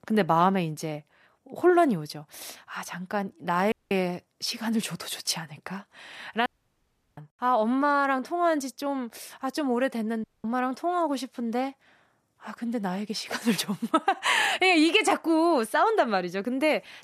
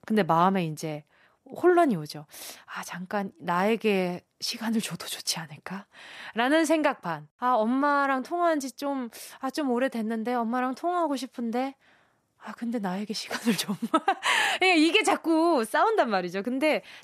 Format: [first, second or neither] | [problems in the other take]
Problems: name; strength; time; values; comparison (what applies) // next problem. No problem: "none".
second | audio cutting out; at 3.5 s, at 6.5 s for 0.5 s and at 10 s